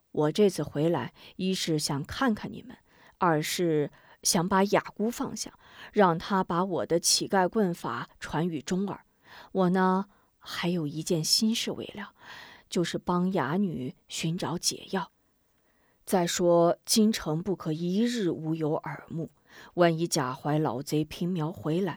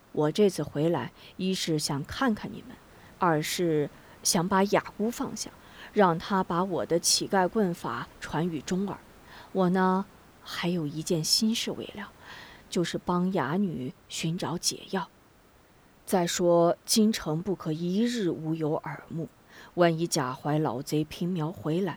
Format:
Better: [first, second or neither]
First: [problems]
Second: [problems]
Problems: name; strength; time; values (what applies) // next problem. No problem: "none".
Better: first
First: none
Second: hiss; faint; throughout; 30 dB below the speech